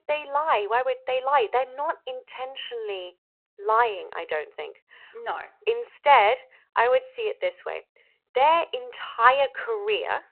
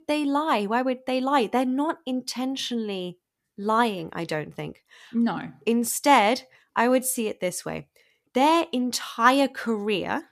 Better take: second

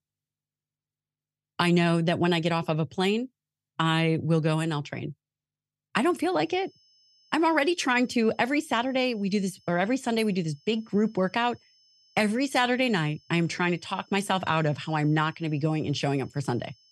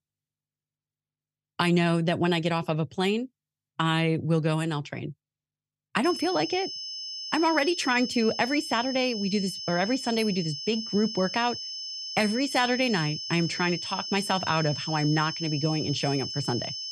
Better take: first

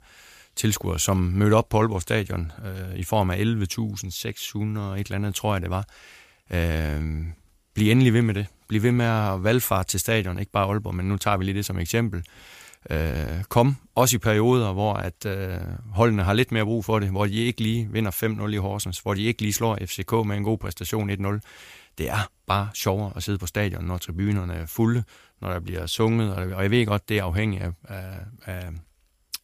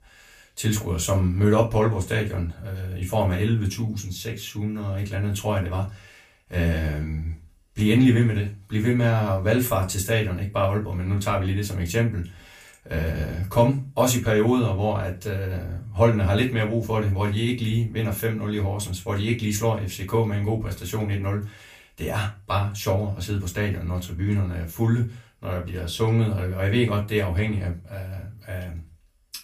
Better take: first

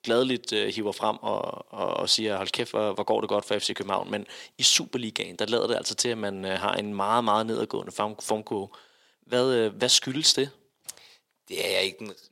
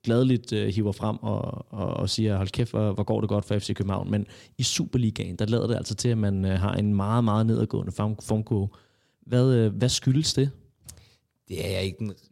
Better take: second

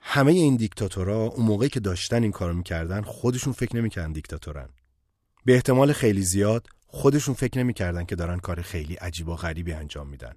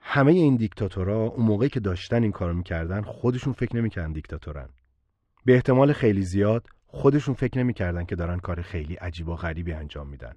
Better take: first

